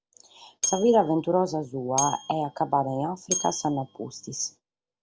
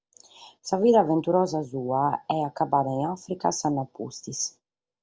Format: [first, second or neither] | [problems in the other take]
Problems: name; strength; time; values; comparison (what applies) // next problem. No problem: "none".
second | background sound (Bell); 8 dB below the speech